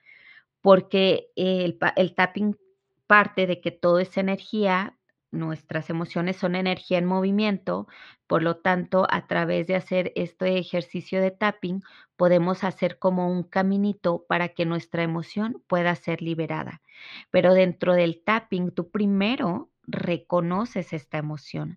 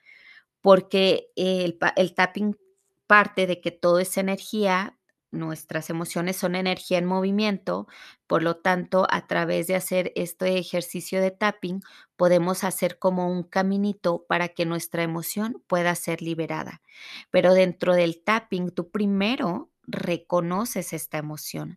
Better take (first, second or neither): second